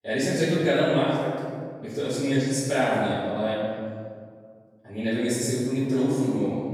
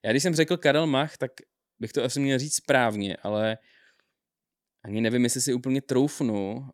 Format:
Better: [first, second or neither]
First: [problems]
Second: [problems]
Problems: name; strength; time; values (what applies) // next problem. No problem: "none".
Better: second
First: room echo; strong; dies away in 1.8 s // off-mic speech; far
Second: none